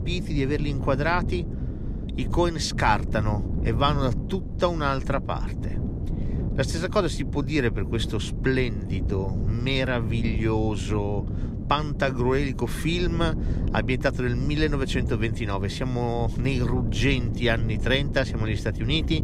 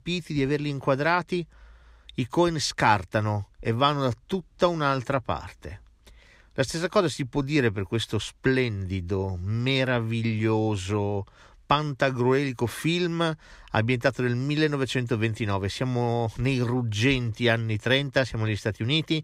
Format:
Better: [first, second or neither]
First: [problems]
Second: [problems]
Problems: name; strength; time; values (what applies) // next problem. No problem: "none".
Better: second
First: wind noise on the microphone; occasional gusts; 15 dB below the speech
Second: none